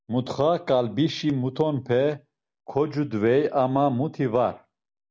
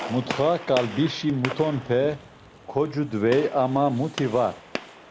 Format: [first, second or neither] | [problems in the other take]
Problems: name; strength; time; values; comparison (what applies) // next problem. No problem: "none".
first | background sound (Gunshot, gunfire); 12 dB below the speech